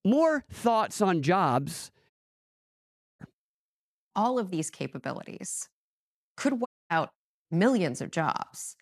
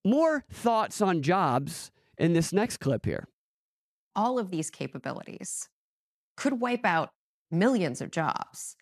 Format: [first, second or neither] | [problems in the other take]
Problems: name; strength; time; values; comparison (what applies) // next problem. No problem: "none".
second | audio cutting out; at 2 s for 1 s and at 6.5 s